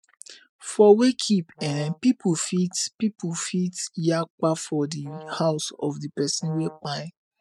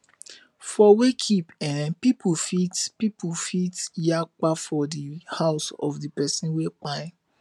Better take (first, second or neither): second